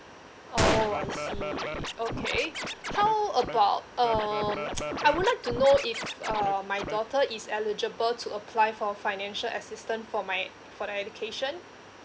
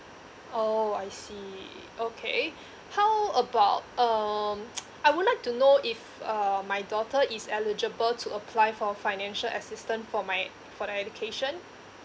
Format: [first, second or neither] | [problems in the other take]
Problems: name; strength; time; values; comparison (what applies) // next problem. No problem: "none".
second | background sound (Gunshot, gunfire + Scratching (performance technique)); 4 dB below the speech